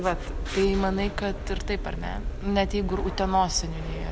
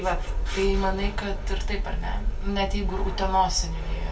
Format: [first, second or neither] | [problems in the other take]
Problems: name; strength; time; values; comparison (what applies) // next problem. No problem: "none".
first | room echo; dies away in 0.2 s